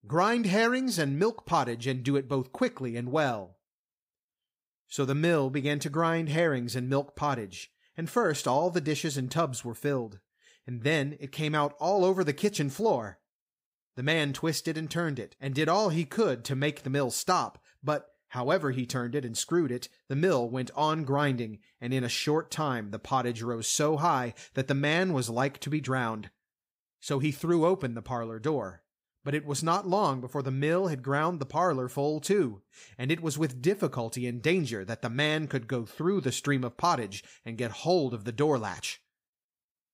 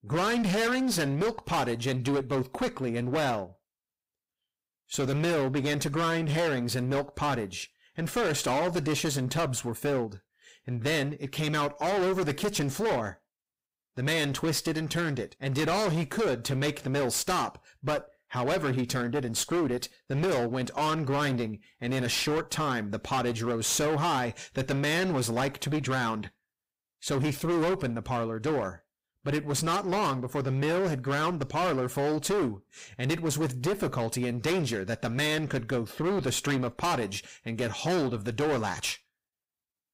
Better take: first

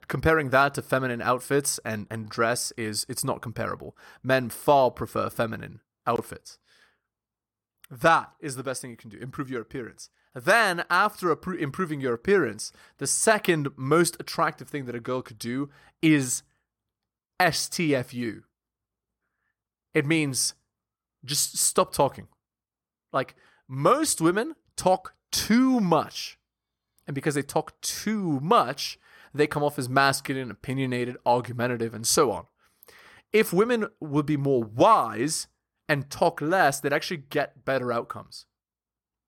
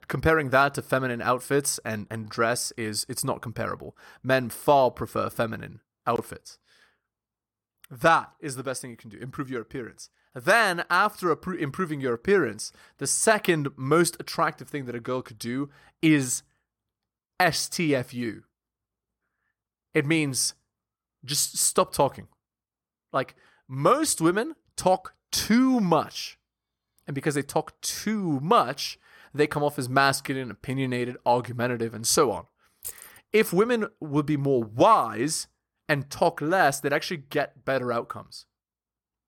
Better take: first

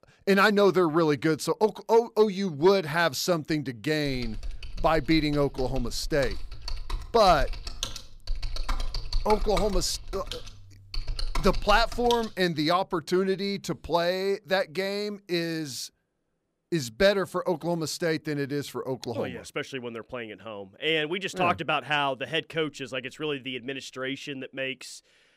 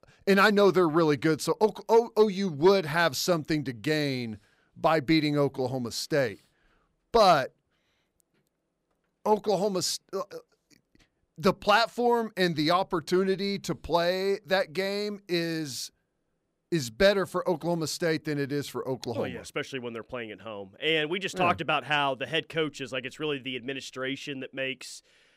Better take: second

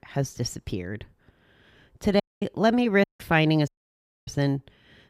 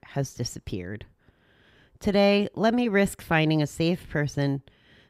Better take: second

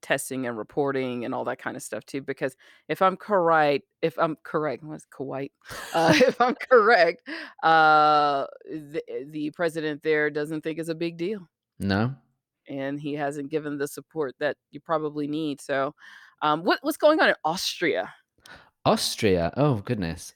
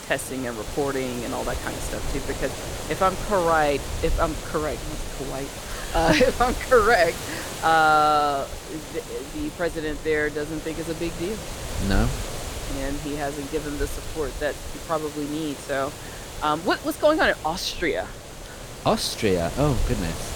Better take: first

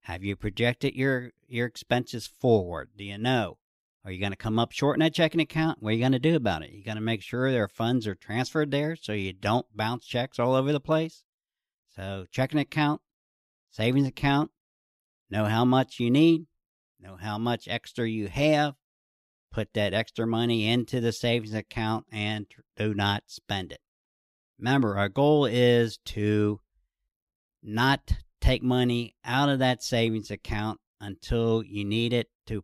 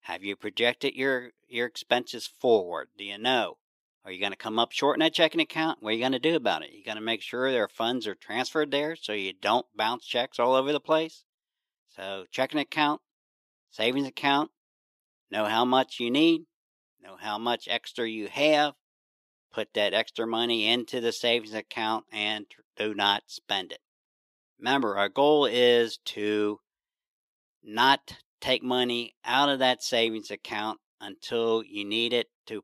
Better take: first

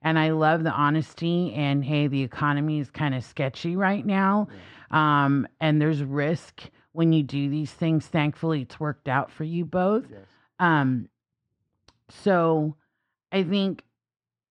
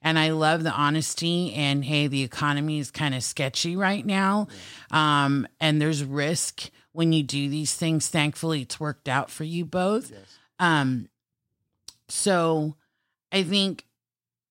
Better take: second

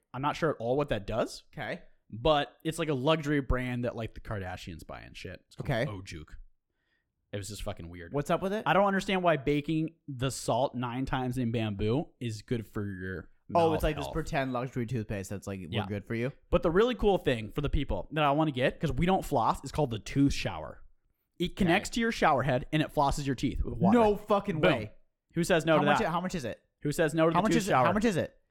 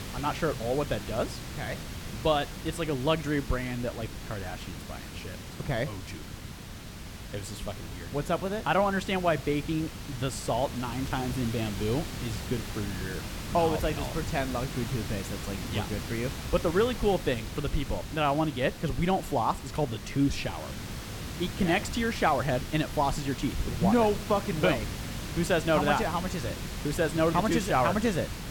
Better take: first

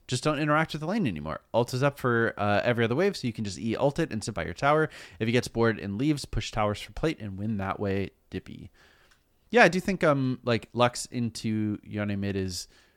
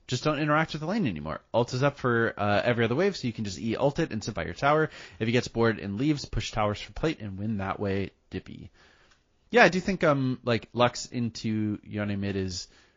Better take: first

